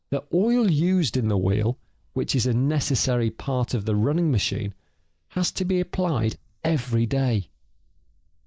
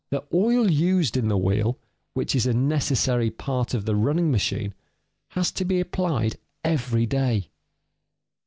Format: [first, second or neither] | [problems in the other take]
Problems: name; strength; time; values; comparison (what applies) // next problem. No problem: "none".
second | noise reduction (neural mask model Resemble Enhance denoiser)